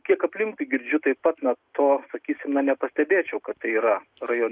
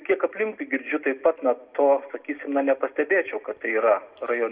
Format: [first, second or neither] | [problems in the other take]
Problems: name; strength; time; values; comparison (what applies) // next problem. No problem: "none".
first | room echo; dies away in 1.1 s